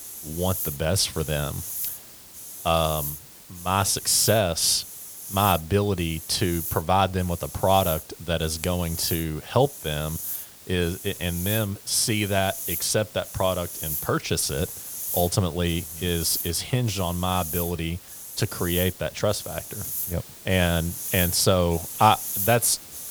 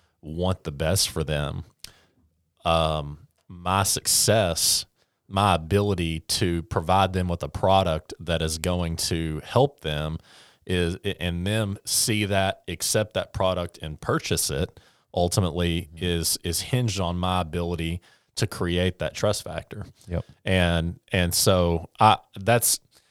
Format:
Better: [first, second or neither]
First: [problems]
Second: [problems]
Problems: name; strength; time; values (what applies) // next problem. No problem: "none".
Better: second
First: hiss; loud; throughout; 8 dB below the speech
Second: none